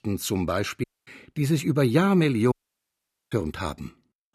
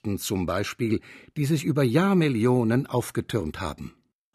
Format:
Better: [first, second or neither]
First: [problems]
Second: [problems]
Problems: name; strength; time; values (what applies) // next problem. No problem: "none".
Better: second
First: audio cutting out; at 1 s and at 2.5 s for 1 s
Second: none